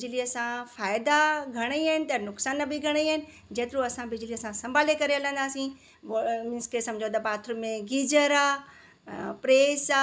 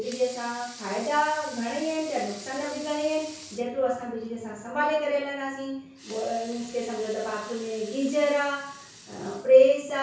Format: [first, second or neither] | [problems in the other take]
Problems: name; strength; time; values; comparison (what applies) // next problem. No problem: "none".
first | background sound (Sink (filling or washing) / Water tap, faucet / Liquid); 19 dB below the speech // room echo; dies away in 0.6 s